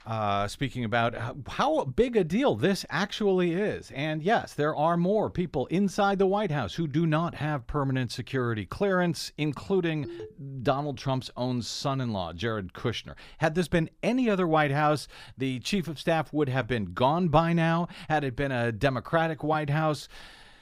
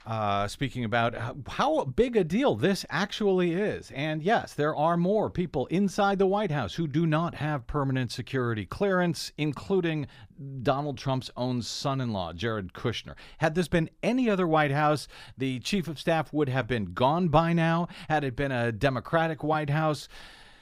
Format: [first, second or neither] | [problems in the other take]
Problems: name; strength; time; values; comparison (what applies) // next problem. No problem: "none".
second | phone ringing; faint; at 10 s; peak 15 dB below the speech